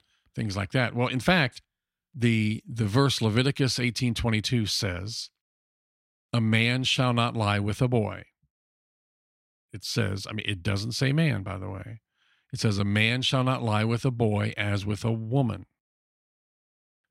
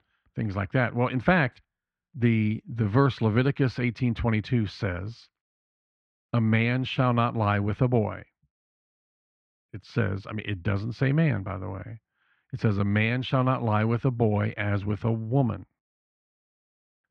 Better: first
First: none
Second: muffled; very; fading above 1.5 kHz

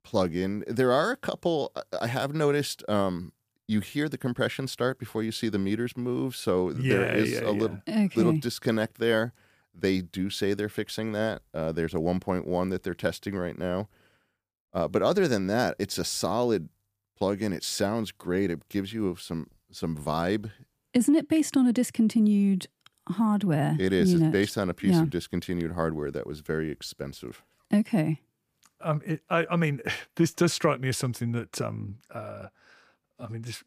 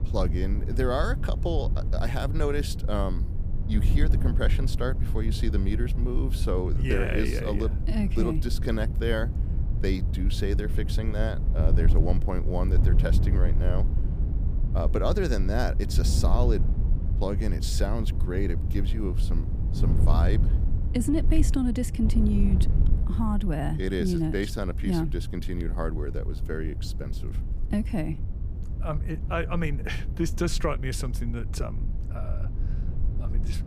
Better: first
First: none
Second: wind noise on the microphone; occasional gusts; 10 dB below the speech

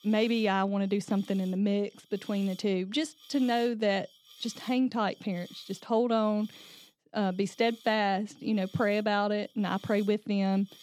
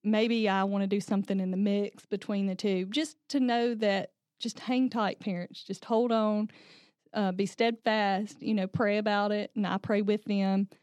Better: second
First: hiss; faint; throughout; 25 dB below the speech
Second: none

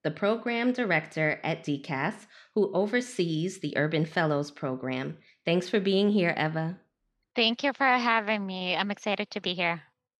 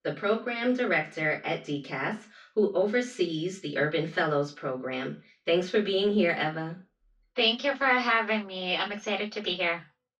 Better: first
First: none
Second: room echo; very slight; dies away in 0.2 s // off-mic speech; far

